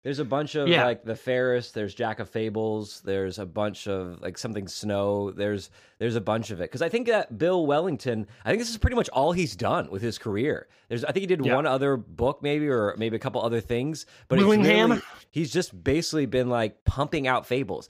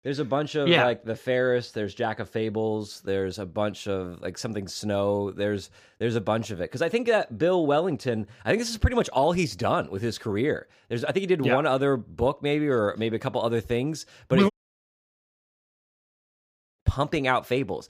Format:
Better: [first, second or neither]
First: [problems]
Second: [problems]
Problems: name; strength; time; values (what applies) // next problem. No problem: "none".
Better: first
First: none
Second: audio cutting out; at 15 s for 2.5 s